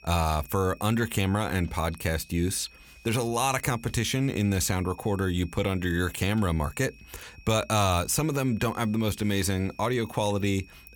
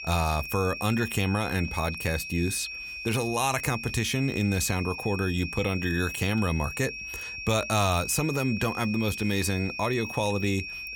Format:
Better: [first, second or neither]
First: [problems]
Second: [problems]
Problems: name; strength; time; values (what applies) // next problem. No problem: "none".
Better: first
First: high-pitched whine; faint; throughout; 2.5 kHz, 25 dB below the speech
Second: high-pitched whine; loud; throughout; 2.5 kHz, 7 dB below the speech